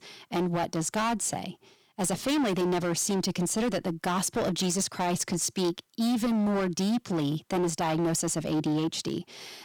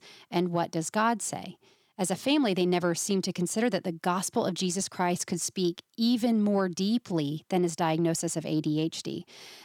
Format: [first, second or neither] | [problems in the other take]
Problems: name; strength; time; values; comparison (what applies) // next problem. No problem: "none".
second | distortion; heavy; 18% of the sound clipped